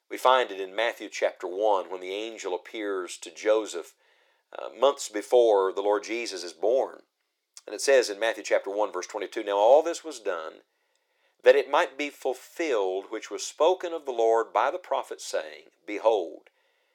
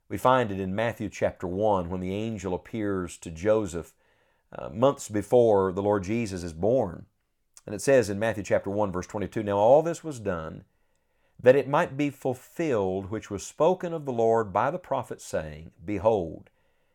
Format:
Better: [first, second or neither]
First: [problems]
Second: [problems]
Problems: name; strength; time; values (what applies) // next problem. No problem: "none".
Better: second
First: thin; very; fading below 350 Hz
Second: none